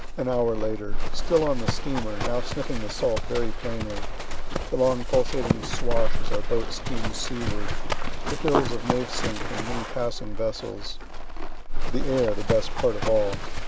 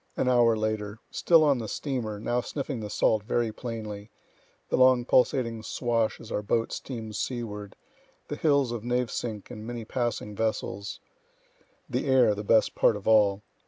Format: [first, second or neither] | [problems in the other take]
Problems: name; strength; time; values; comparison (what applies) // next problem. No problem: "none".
second | background sound (Livestock, farm animals, working animals); 4 dB above the speech